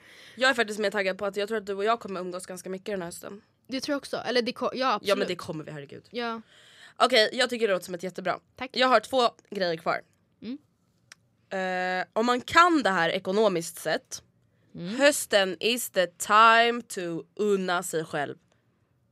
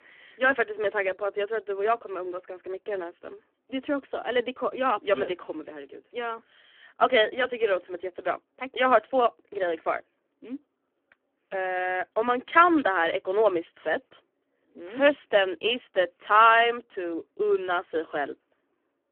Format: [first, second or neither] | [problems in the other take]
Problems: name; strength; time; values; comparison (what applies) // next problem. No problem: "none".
first | phone-call audio; poor line; nothing above 3.5 kHz